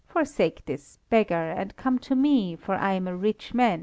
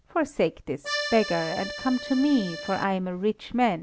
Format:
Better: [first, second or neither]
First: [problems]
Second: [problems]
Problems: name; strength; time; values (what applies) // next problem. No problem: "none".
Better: first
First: none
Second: background sound (Accordion); 8 dB below the speech